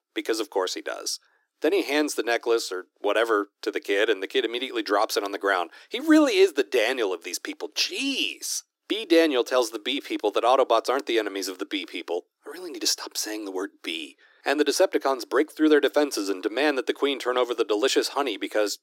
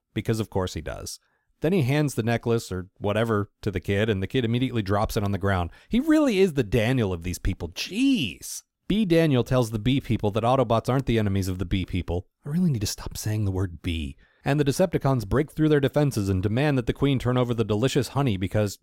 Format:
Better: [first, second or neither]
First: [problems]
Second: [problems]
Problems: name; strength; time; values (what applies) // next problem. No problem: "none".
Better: second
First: thin; very; fading below 300 Hz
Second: none